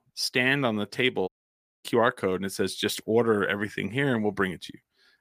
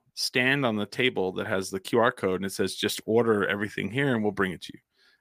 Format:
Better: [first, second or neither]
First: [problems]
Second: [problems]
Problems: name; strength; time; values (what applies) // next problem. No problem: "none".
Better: second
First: audio cutting out; at 1.5 s for 0.5 s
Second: none